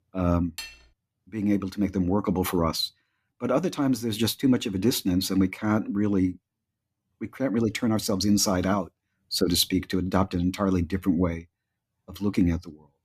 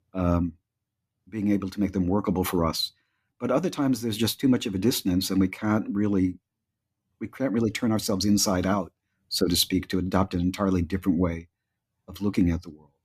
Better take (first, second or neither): second